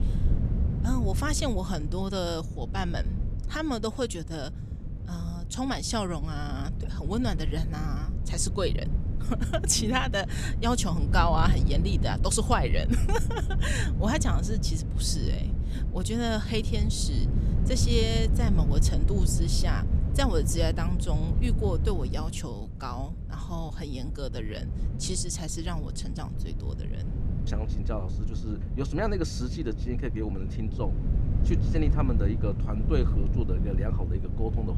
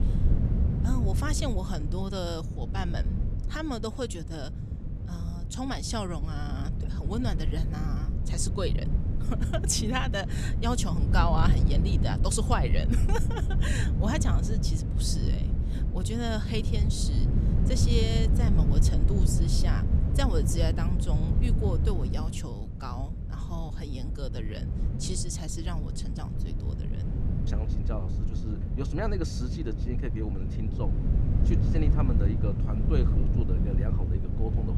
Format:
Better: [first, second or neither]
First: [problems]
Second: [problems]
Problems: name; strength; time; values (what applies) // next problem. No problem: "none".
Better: first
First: wind noise on the microphone; occasional gusts; 10 dB below the speech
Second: wind noise on the microphone; heavy; 6 dB below the speech